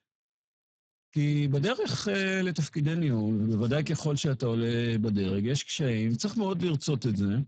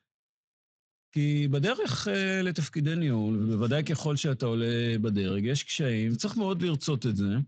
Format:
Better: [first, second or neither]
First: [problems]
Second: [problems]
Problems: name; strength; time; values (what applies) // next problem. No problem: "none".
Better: second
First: garbled, watery; badly; nothing above 7.5 kHz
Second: garbled, watery; slightly; nothing above 7.5 kHz